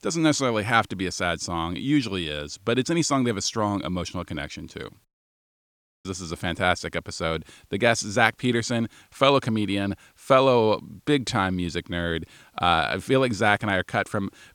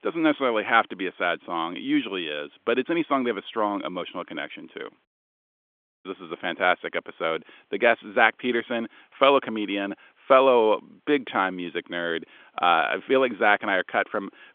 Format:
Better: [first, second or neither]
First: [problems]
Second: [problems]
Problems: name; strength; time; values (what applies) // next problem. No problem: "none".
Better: first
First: none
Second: phone-call audio; nothing above 3.5 kHz